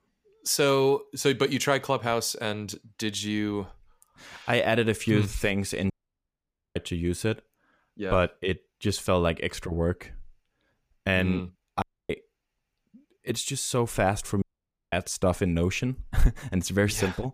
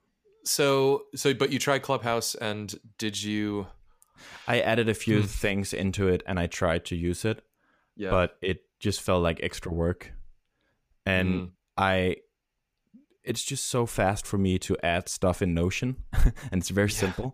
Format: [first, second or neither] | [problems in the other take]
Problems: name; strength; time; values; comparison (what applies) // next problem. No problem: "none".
second | audio cutting out; at 6 s for 1 s, at 12 s and at 14 s for 0.5 s